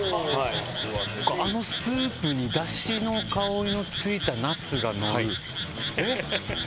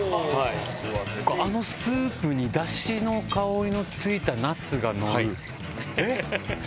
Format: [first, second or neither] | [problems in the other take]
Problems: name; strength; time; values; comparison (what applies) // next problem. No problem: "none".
second | background sound (Frog); 6 dB below the speech